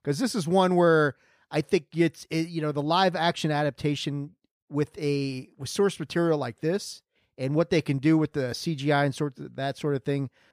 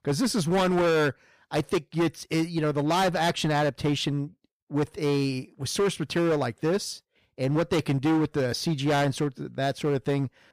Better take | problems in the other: first | distortion; heavy; 14% of the sound clipped

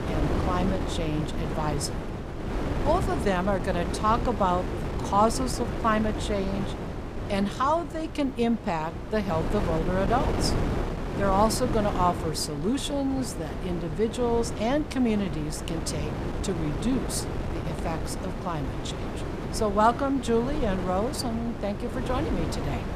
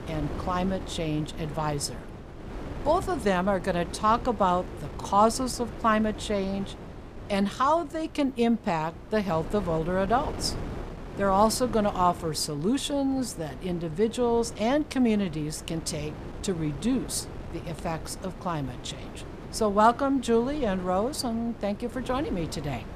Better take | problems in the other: second | wind noise on the microphone; heavy; 7 dB below the speech; occasional gusts in the second

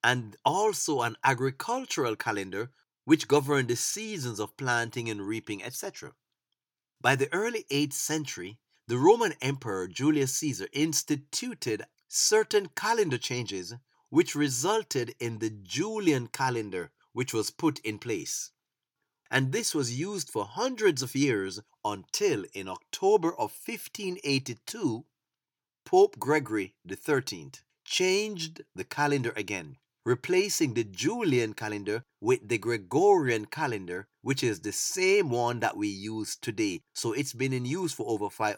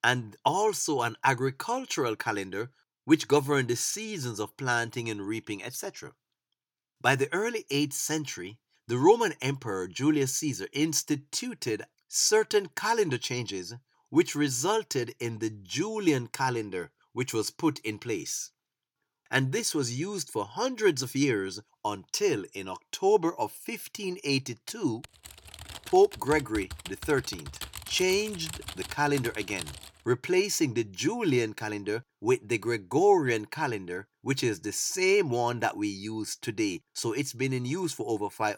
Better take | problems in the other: first | keyboard typing; noticeable; from 25 to 30 s; peak 10 dB below the speech

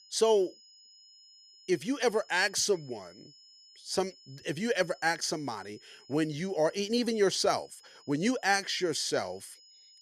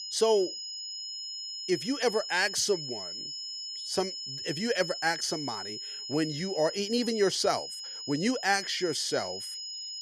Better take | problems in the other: first | high-pitched whine; loud; throughout; 5 kHz, 7 dB below the speech; faint in the first

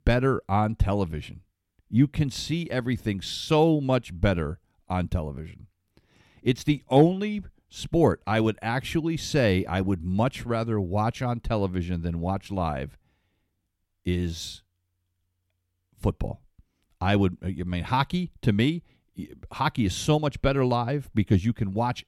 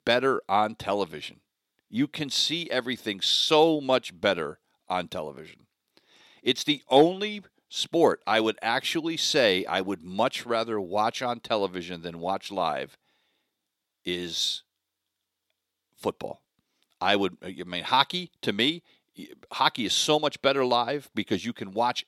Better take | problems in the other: first | thin; somewhat; fading below 400 Hz

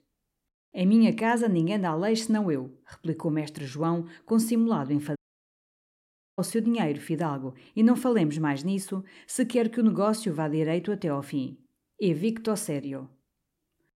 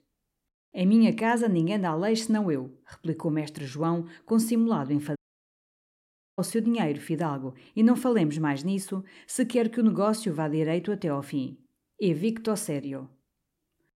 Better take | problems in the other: neither | audio cutting out; at 5 s for 1 s; the same in both

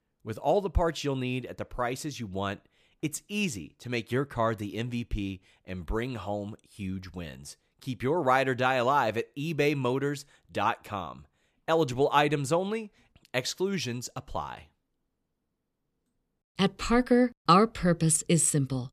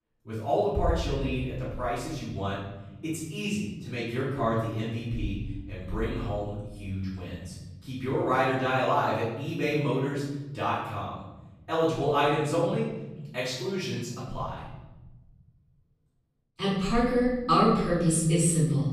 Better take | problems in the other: first | room echo; noticeable; dies away in 1.6 s // off-mic speech; far

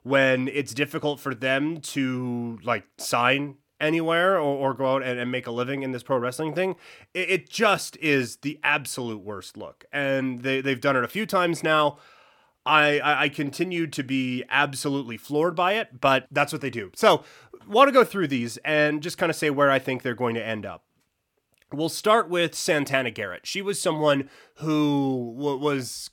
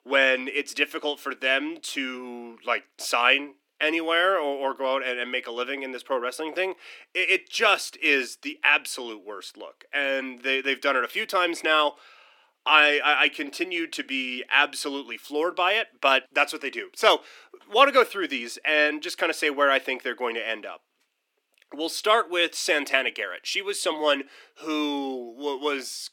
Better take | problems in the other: first | thin; somewhat; fading below 300 Hz

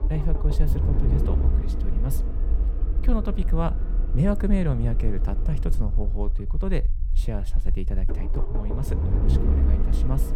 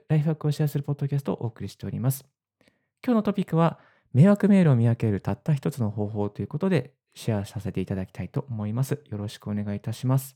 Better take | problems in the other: second | low rumble; loud; throughout; 4 dB below the speech

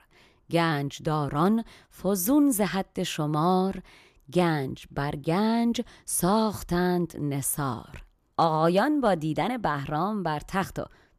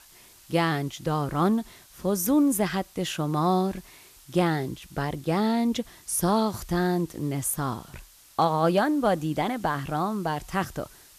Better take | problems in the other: first | hiss; faint; throughout; 25 dB below the speech

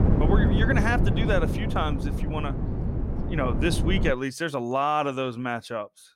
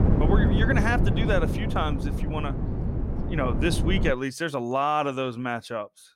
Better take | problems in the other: neither | wind noise on the microphone; heavy; until 4 s; 7 dB below the speech; the same in both

